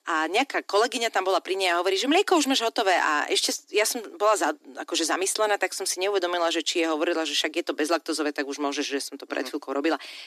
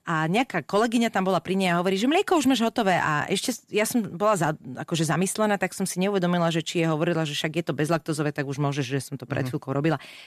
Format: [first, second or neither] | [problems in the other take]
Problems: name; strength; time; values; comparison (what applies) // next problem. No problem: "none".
second | thin; somewhat; fading below 300 Hz